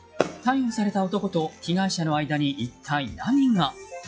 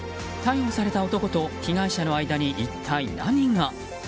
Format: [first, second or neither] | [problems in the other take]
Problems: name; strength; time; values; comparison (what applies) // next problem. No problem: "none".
second | noise reduction (classical method log-MMSE)